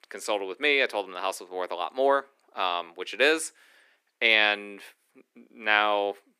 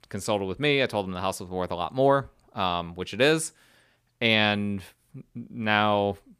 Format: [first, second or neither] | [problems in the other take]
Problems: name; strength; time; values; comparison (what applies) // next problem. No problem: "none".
second | thin; somewhat; fading below 300 Hz